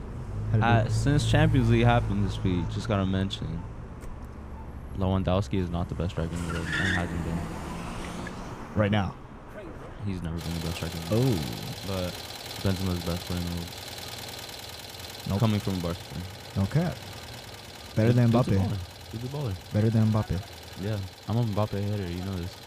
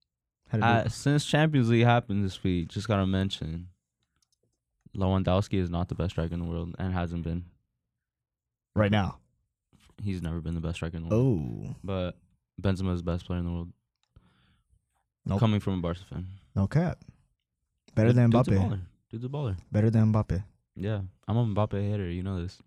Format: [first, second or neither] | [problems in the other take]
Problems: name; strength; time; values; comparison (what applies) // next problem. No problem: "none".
second | traffic noise; loud; throughout; 7 dB below the speech